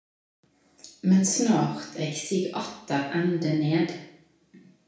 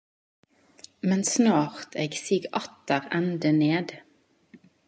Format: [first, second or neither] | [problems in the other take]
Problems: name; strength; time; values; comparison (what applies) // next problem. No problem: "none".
second | room echo; dies away in 0.6 s